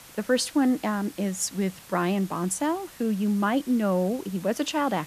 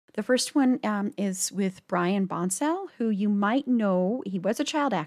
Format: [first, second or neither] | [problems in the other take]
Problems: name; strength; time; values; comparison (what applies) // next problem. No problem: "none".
second | hiss; noticeable; throughout; 20 dB below the speech